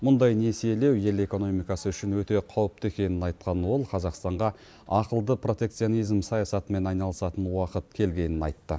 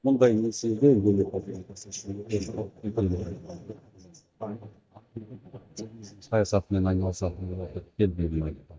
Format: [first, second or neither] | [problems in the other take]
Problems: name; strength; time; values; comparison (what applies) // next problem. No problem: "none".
first | noise reduction (neural mask model DeepFilterNet 3)